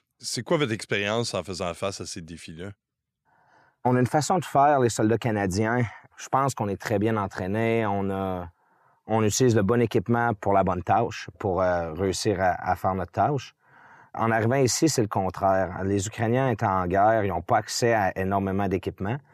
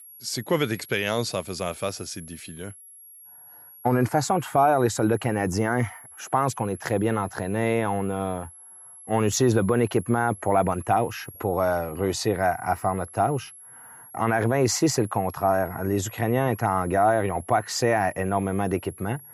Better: first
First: none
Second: high-pitched whine; noticeable; throughout; 11 kHz, 20 dB below the speech

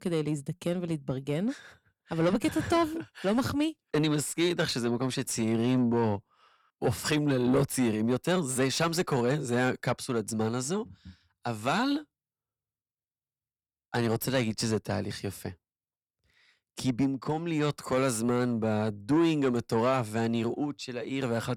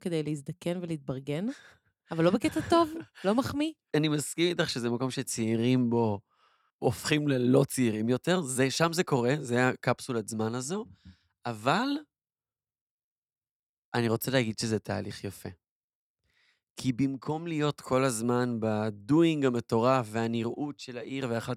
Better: second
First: distortion; slight; 10 dB below the speech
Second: none

